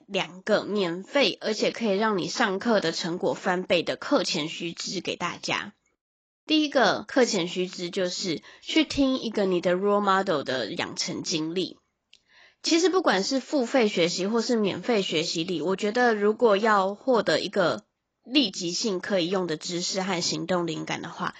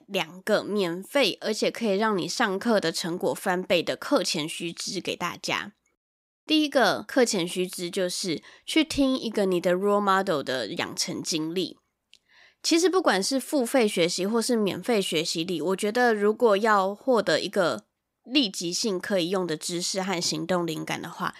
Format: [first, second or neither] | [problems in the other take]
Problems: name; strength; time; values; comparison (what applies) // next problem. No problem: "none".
second | garbled, watery; badly; nothing above 7.5 kHz